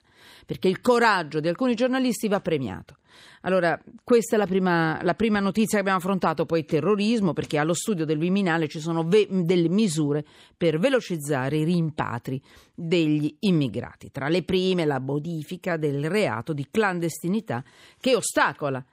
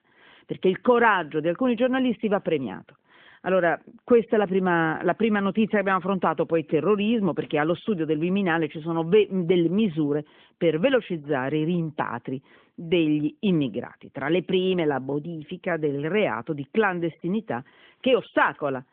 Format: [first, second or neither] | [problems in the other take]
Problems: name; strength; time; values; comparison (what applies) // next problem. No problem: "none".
first | phone-call audio; nothing above 3 kHz